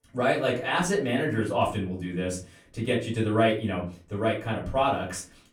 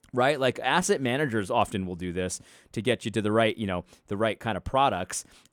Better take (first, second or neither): second